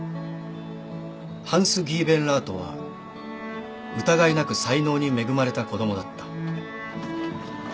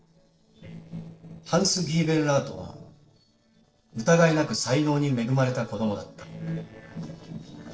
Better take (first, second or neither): first